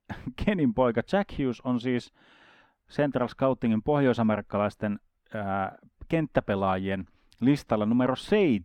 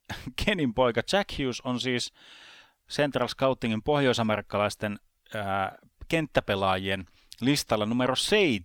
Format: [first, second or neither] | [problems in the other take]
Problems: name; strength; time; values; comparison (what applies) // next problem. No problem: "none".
second | muffled; slightly; fading above 2.5 kHz